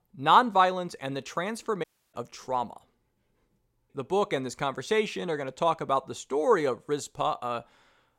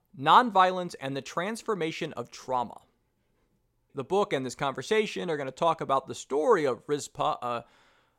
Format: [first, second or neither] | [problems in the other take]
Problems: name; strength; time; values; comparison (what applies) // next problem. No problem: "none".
second | audio cutting out; at 2 s